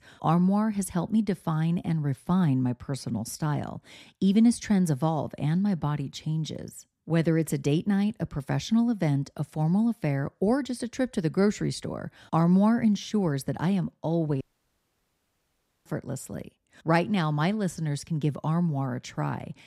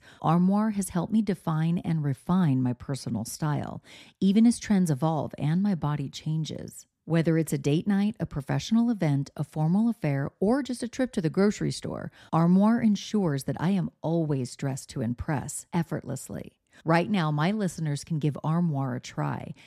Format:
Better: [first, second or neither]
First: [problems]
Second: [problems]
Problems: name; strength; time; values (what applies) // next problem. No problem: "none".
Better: second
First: audio cutting out; at 14 s for 1.5 s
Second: none